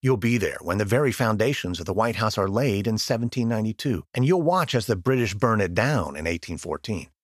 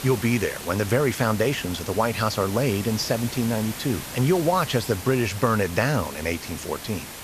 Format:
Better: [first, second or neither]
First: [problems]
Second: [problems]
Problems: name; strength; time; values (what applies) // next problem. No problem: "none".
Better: first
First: none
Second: hiss; noticeable; throughout; 10 dB below the speech